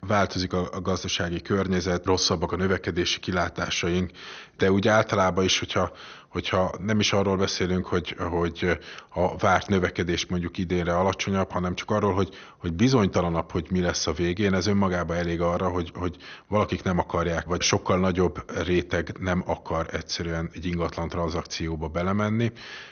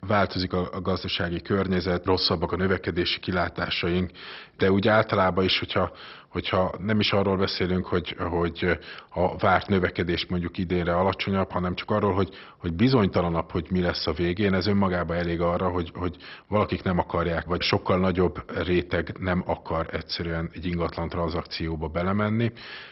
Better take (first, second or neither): first